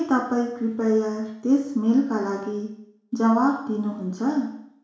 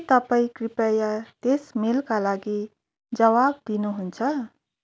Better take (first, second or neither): second